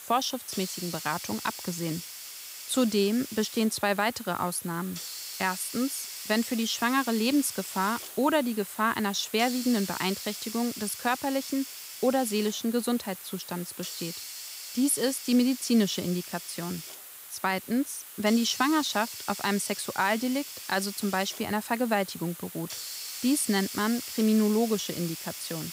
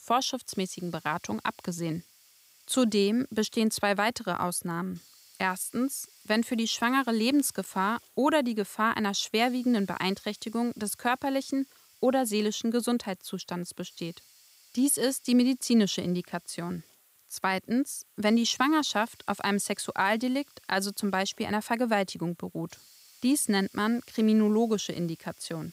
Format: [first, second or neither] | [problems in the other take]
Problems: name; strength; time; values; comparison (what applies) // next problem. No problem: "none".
second | hiss; loud; throughout; 9 dB below the speech; faint in the second